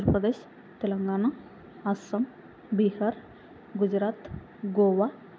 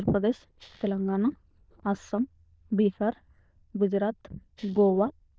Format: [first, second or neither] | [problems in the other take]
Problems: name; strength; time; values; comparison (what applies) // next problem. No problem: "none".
first | noise reduction (neural diffusion model UNIVERSE++)